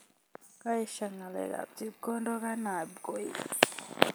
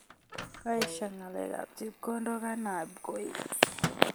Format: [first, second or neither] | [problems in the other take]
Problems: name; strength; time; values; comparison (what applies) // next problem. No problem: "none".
first | background sound (Wind instrument, woodwind instrument + Microwave oven); 8 dB below the speech